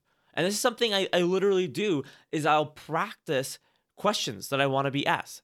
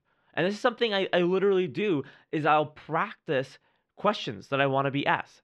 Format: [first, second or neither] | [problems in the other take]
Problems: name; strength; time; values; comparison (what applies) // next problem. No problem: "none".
first | muffled; slightly; fading above 2.5 kHz